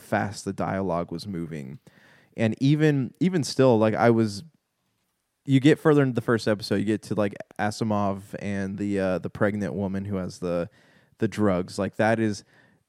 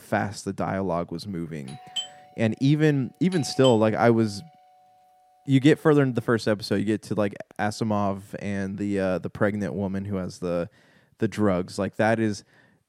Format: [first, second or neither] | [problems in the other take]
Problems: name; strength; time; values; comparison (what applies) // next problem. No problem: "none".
first | doorbell; noticeable; from 1.5 to 4 s; peak 7 dB below the speech